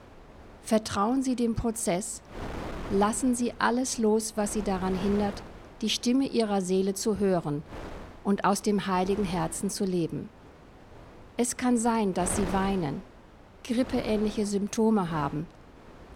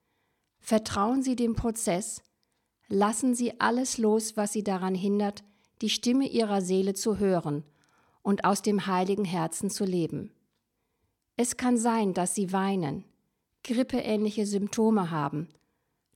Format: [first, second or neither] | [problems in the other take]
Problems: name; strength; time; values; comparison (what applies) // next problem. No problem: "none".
second | wind noise on the microphone; occasional gusts; 15 dB below the speech